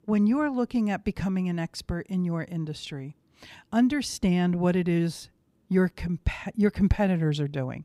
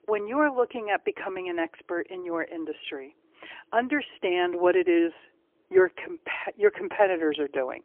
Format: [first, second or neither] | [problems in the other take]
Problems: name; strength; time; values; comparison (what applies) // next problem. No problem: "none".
first | phone-call audio; poor line; nothing above 3.5 kHz